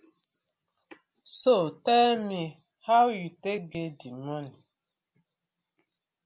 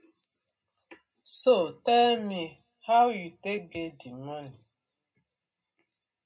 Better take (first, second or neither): first